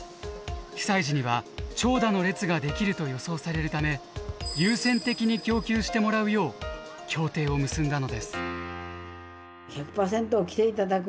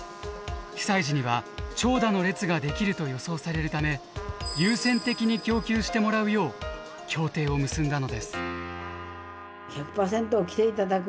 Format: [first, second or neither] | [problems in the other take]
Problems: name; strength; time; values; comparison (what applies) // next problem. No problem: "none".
first | background sound (Trumpet); 19 dB below the speech